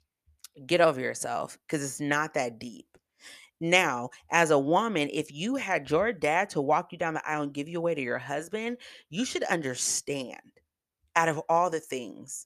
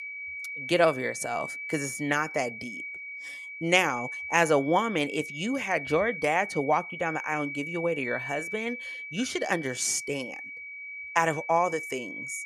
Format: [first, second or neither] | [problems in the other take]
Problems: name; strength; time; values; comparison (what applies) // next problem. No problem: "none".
first | high-pitched whine; loud; throughout; 2.5 kHz, 8 dB below the speech